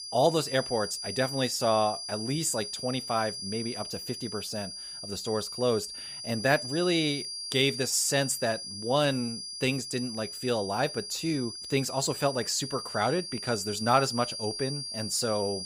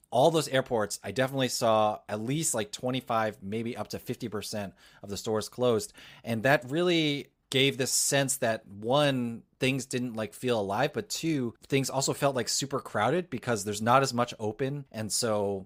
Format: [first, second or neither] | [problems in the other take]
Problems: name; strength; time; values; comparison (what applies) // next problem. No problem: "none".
second | high-pitched whine; loud; throughout; 4.5 kHz, 6 dB below the speech